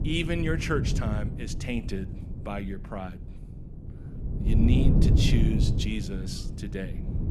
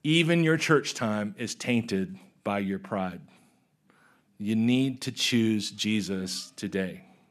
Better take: second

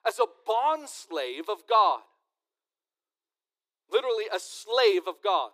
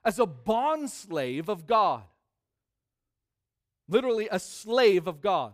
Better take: second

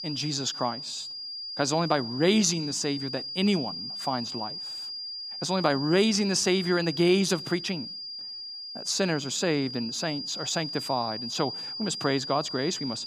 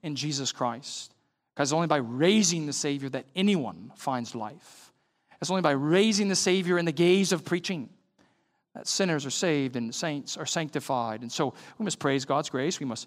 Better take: second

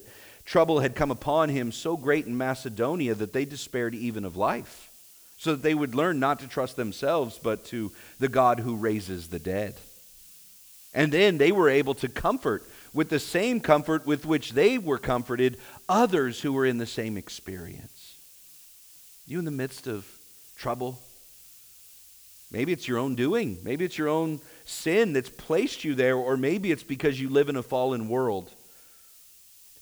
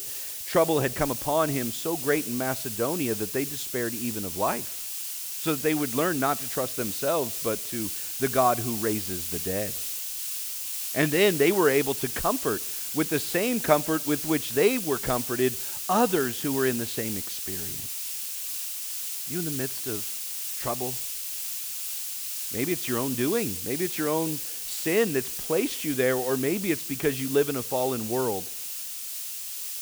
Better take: first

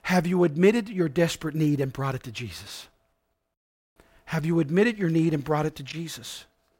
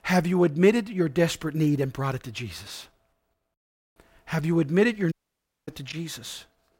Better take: first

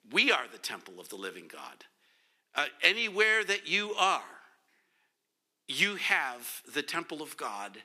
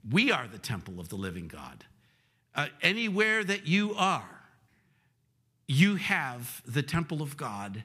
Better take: second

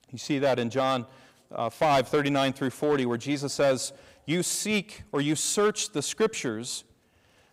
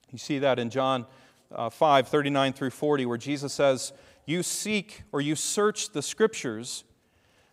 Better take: second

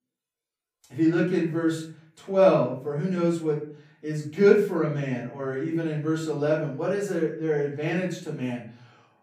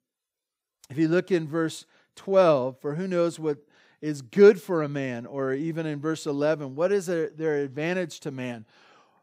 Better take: second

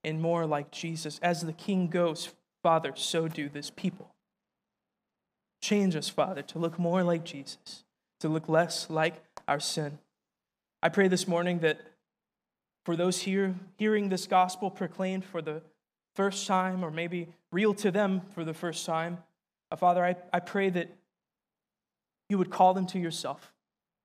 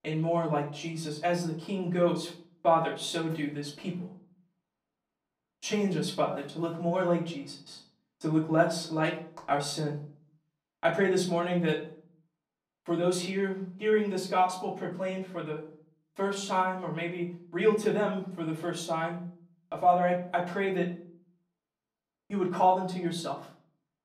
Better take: first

